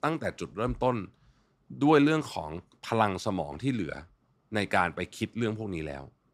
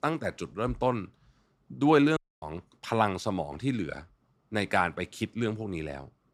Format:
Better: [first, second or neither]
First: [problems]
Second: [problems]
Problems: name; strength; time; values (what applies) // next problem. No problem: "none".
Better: first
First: none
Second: audio cutting out; at 2 s